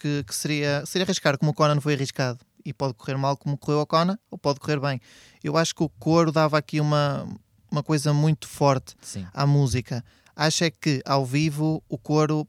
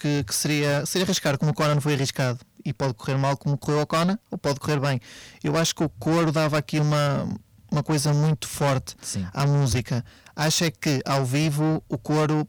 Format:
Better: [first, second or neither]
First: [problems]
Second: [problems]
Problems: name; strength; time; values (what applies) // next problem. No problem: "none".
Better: first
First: none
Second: distortion; heavy; 7 dB below the speech